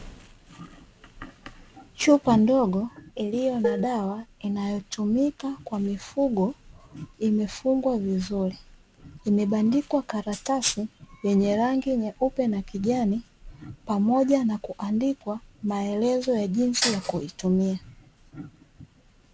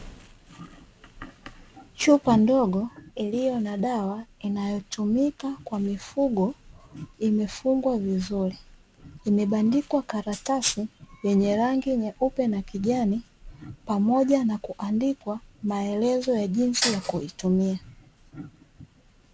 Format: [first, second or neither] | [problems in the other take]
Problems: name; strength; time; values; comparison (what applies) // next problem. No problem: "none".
second | background sound (Dishes, pots, and pans); 5 dB below the speech